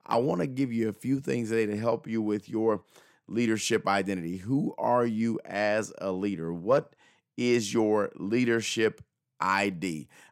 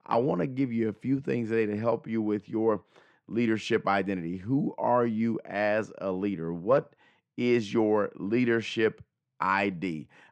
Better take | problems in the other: first | muffled; slightly; fading above 3 kHz

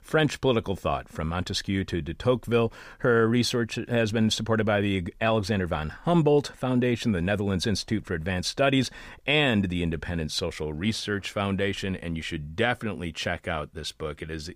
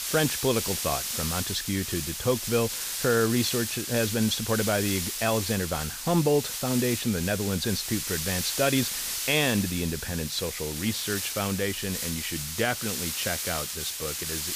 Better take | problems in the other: first | hiss; loud; throughout; 2 dB below the speech

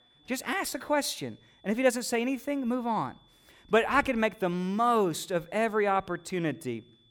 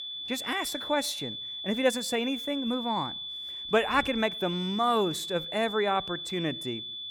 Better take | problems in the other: first | high-pitched whine; loud; throughout; 3.5 kHz, 5 dB below the speech; faint in the first

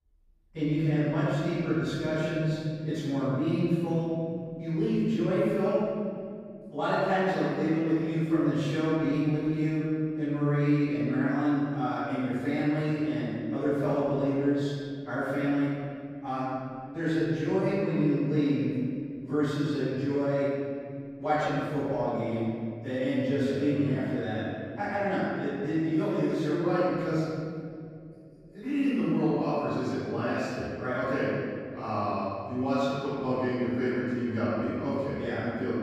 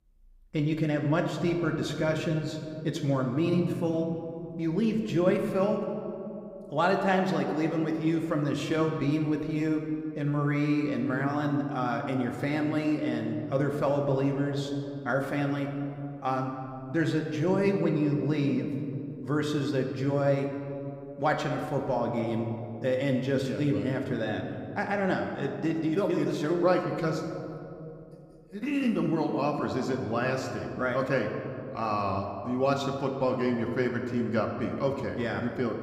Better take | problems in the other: second | room echo; strong; dies away in 2.2 s; slight in the second // off-mic speech; far

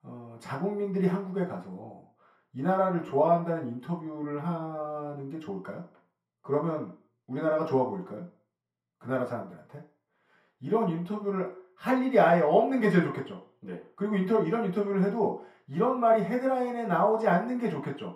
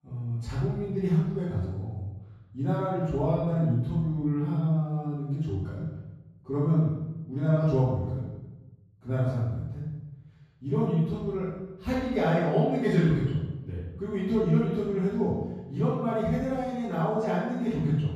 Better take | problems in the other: first | room echo; strong; dies away in 1.4 s; slight in the first // off-mic speech; far; far in the first

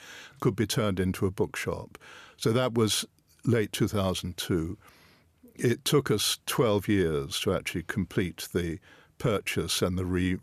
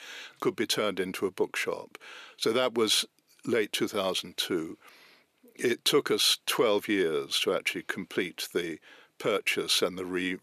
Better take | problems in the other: first | thin; somewhat; fading below 350 Hz

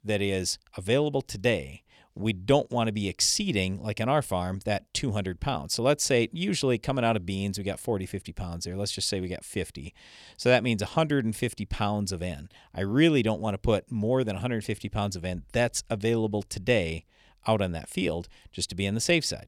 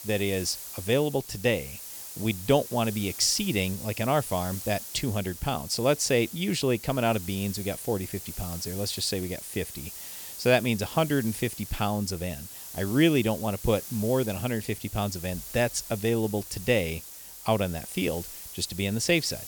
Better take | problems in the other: first | hiss; noticeable; throughout; 10 dB below the speech

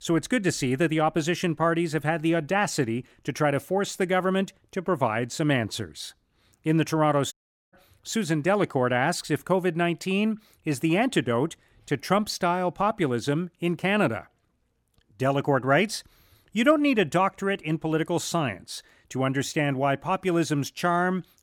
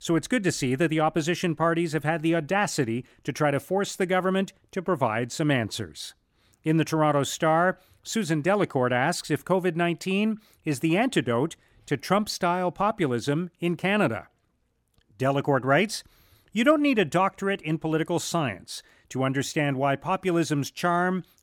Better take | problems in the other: second | audio cutting out; at 7.5 s

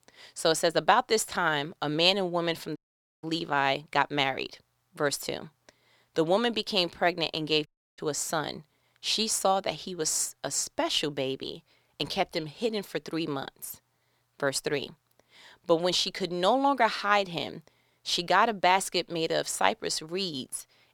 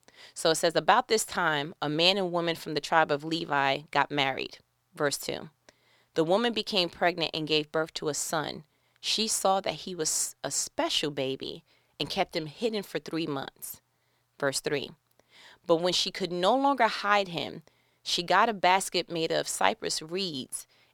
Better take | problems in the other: second | audio cutting out; at 3 s and at 7.5 s

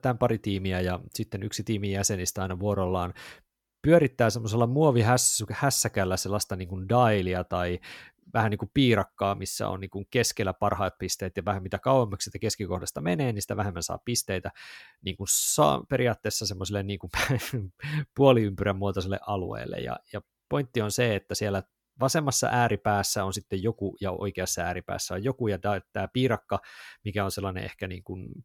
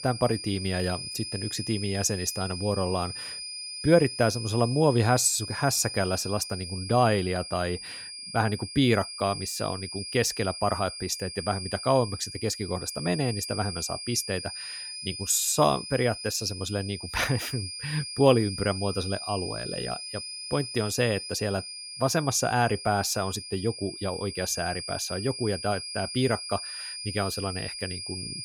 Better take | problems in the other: first | high-pitched whine; loud; throughout; 5 kHz, 8 dB below the speech

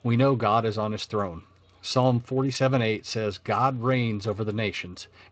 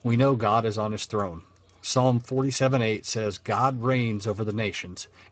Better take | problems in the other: first | garbled, watery; badly; nothing above 8 kHz; slightly in the first

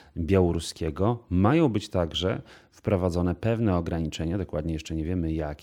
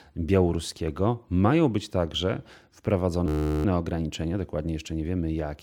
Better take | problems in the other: first | audio freezing; at 3.5 s

